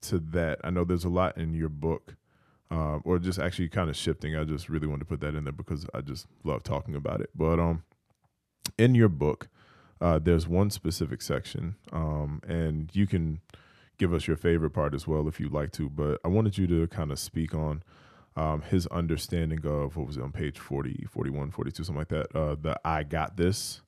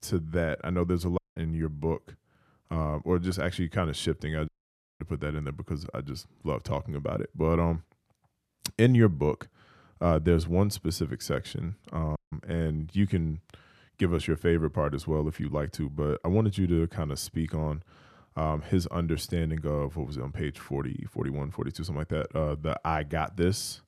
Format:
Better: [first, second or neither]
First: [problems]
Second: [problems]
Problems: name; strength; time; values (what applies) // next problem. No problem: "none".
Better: first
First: none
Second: audio cutting out; at 1 s, at 4.5 s for 0.5 s and at 12 s